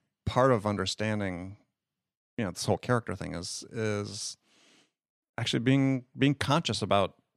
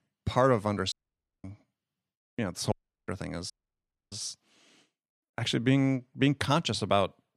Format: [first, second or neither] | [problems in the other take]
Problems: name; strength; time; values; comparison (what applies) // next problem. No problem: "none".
first | audio cutting out; at 1 s for 0.5 s, at 2.5 s and at 3.5 s for 0.5 s